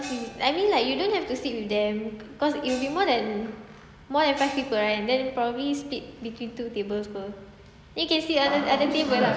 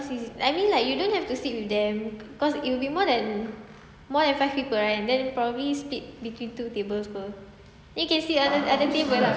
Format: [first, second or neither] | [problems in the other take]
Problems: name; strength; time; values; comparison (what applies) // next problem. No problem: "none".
second | background sound (Gong); 19 dB below the speech